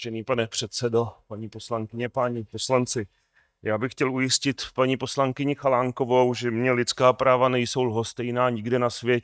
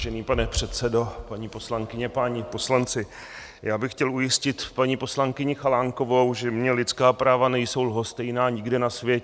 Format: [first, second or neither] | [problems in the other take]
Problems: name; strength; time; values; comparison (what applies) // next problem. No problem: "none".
second | noise reduction (neural mask model DeepFilterNet 3)